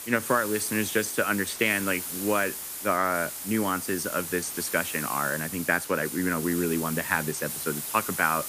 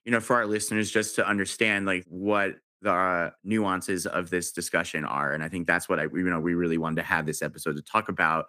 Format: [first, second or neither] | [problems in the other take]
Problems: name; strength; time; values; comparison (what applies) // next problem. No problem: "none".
second | hiss; loud; throughout; 6 dB below the speech